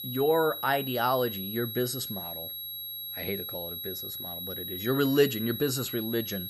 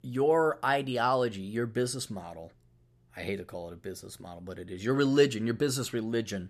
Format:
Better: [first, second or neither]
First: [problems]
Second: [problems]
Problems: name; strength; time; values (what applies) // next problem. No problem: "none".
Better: second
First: high-pitched whine; loud; throughout; 11.5 kHz, 6 dB below the speech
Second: none